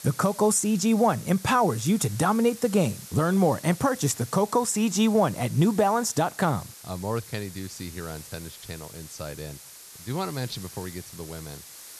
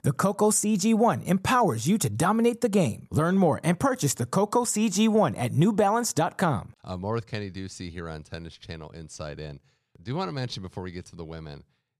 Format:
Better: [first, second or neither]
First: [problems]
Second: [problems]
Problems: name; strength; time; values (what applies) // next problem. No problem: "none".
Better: second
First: hiss; noticeable; throughout; 20 dB below the speech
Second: none